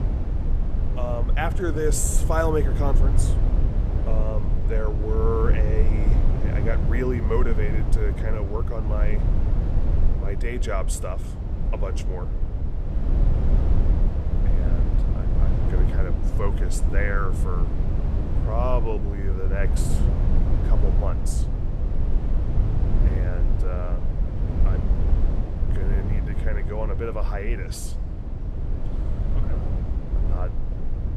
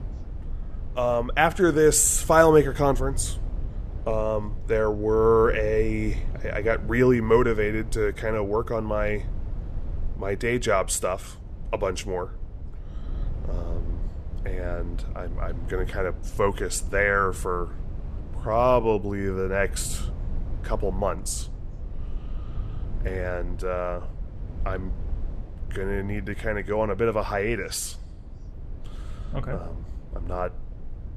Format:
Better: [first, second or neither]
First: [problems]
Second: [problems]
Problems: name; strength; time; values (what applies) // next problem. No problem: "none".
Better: second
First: low rumble; loud; throughout; 6 dB below the speech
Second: low rumble; faint; throughout; 25 dB below the speech